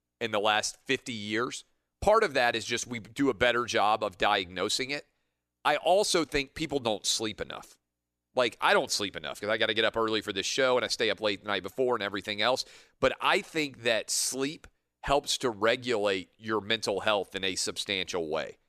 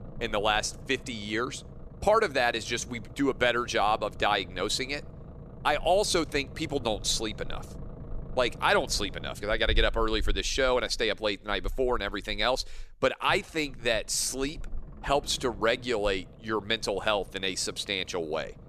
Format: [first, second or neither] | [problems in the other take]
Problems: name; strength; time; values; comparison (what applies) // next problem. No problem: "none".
first | low rumble; faint; throughout; 25 dB below the speech